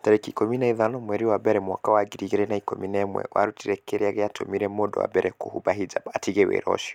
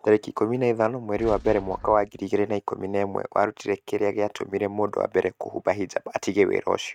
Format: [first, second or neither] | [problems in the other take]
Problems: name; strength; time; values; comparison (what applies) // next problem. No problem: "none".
first | noise reduction (neural mask model RNNoise)